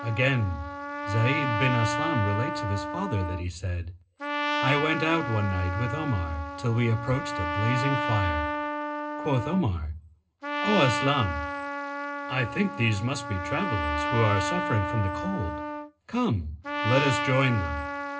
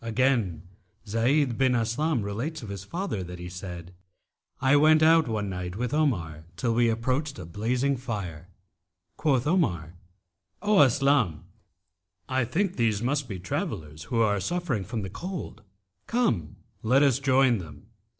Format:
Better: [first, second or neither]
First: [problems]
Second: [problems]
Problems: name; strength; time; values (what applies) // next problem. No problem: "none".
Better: second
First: background sound (Trumpet); 3 dB below the speech // room echo; dies away in 0.2 s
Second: none